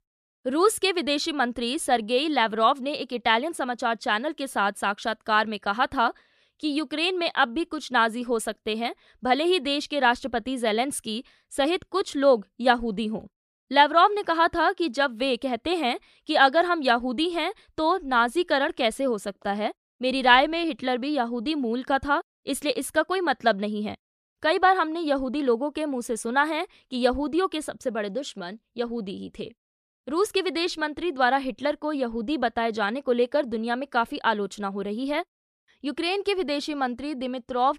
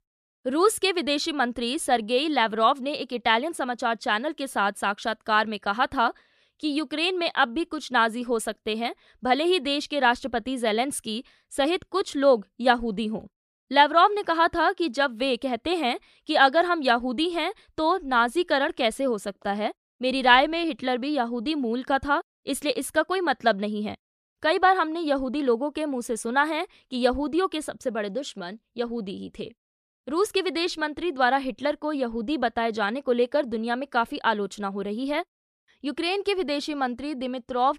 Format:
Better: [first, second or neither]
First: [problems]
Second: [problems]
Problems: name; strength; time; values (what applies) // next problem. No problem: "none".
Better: neither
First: none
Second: none